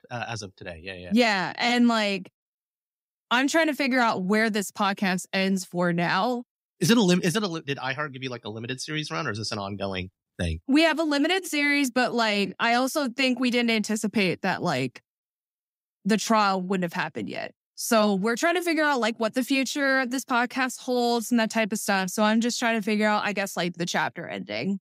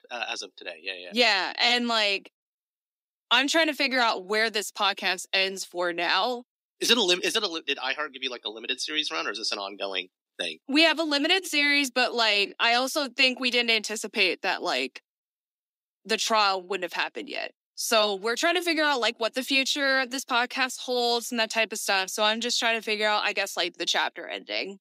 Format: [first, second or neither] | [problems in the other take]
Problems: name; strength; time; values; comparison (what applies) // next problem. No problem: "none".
first | thin; somewhat; fading below 300 Hz